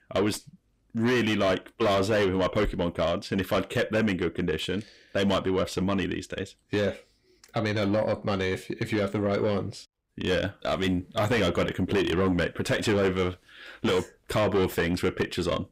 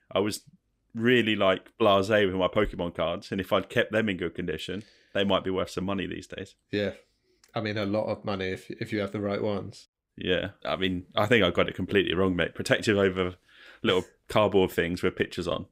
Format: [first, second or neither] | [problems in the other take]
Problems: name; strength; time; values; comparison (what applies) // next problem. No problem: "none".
second | distortion; heavy; 6 dB below the speech